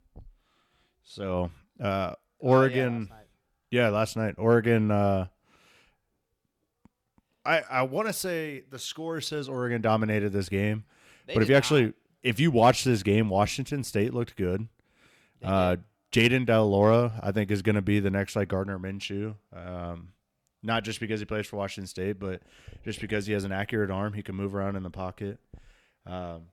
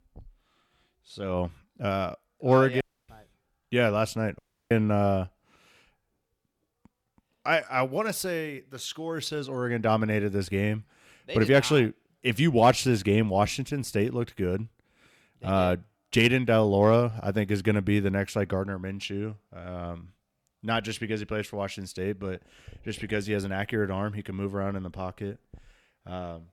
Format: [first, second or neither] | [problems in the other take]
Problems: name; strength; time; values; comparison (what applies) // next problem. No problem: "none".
first | audio cutting out; at 3 s and at 4.5 s